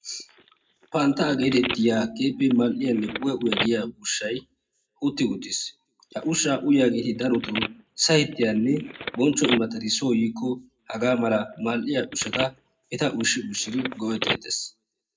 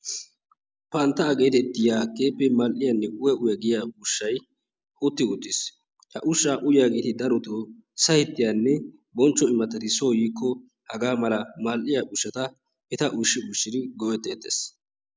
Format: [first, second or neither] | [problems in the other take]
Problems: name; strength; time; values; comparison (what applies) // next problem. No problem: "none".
second | background sound (Telephone); 10 dB below the speech // room echo; dies away in 0.3 s